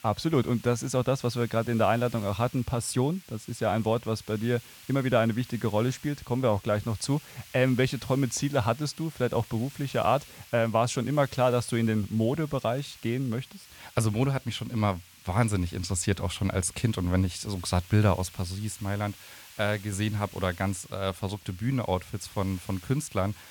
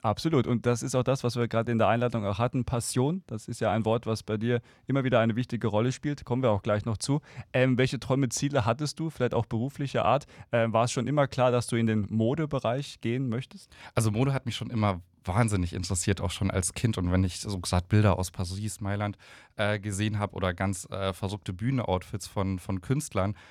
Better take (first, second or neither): second